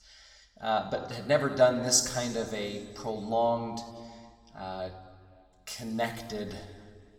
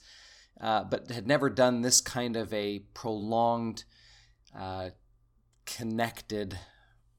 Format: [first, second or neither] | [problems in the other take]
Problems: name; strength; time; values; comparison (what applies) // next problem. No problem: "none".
second | room echo; slight; dies away in 1.5 s